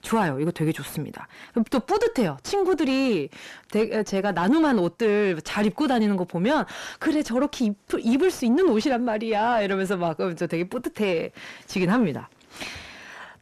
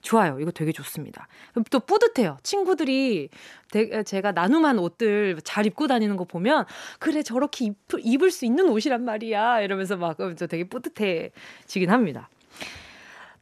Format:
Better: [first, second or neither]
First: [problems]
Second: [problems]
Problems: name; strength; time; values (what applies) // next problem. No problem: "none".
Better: second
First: distortion; slight; 10 dB below the speech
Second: none